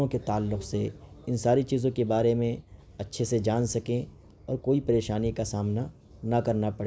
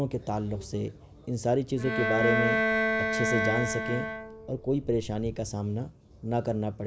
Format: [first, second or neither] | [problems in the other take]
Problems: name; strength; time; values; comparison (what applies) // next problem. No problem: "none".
first | background sound (Bowed string instrument); 1 dB above the speech